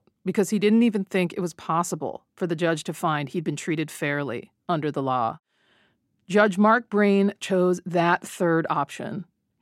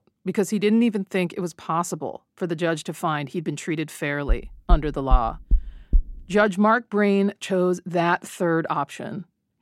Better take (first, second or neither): first